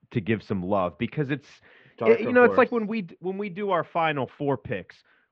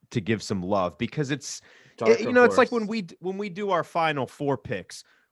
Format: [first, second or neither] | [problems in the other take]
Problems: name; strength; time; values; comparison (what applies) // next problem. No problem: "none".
second | muffled; very; fading above 3 kHz